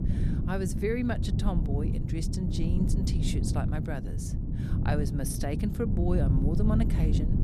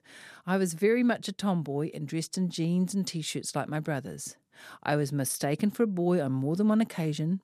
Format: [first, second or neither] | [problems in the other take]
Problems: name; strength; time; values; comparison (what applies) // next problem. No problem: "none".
second | wind noise on the microphone; heavy; 4 dB below the speech